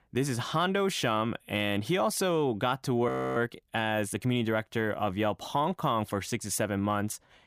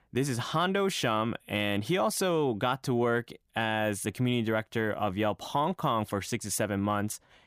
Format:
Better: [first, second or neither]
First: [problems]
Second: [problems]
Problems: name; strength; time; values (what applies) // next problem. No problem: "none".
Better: second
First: audio freezing; at 3 s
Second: none